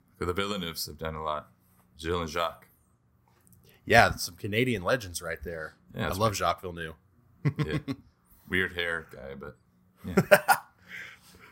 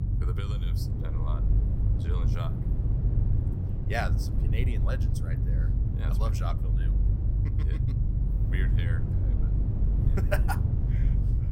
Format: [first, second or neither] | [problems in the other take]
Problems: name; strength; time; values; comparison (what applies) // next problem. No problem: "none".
first | low rumble; loud; throughout; 4 dB below the speech